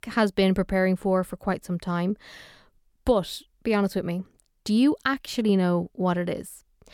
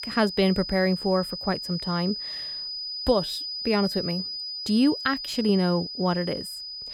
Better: first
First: none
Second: high-pitched whine; loud; throughout; 5 kHz, 6 dB below the speech

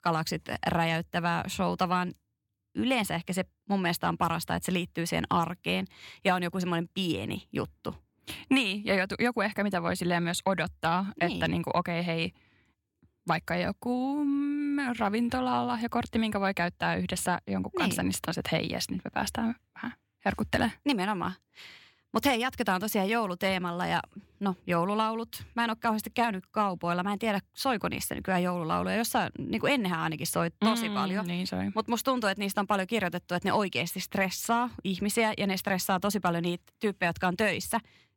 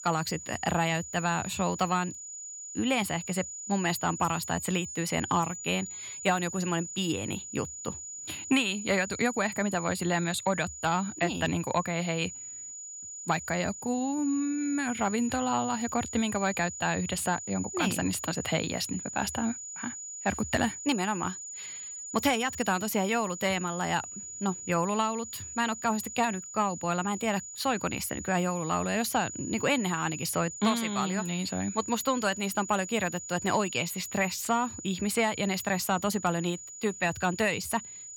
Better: first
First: none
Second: high-pitched whine; loud; throughout; 7 kHz, 9 dB below the speech

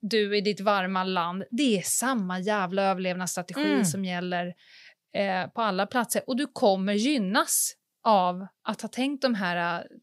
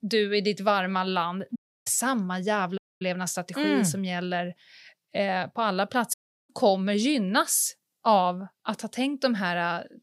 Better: first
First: none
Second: audio cutting out; at 1.5 s, at 3 s and at 6 s

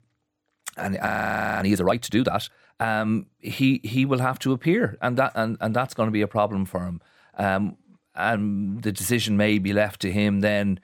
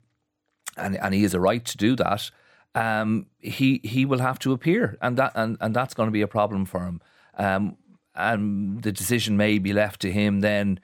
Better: second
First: audio freezing; at 1 s for 0.5 s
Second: none

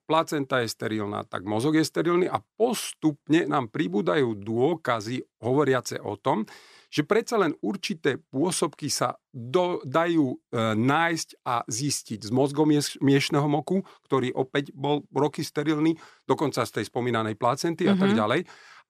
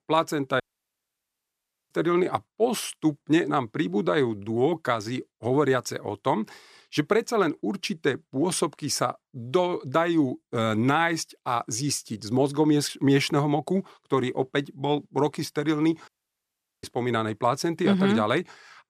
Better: first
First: none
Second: audio cutting out; at 0.5 s for 1.5 s and at 16 s for 1 s

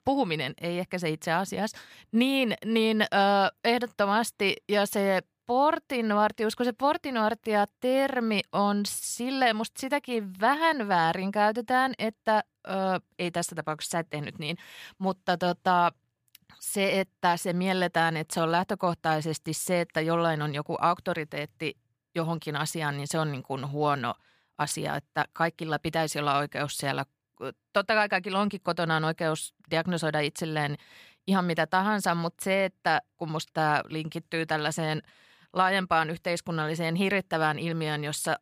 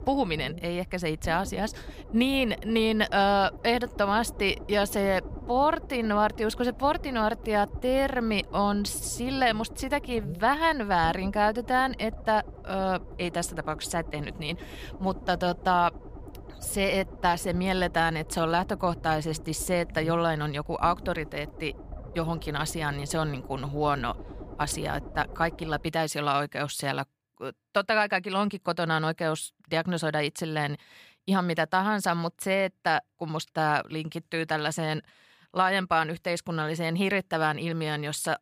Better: first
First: none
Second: low rumble; faint; until 26 s; 20 dB below the speech

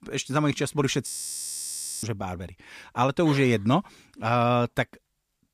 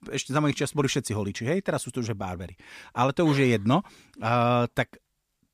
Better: second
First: audio freezing; at 1 s for 1 s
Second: none

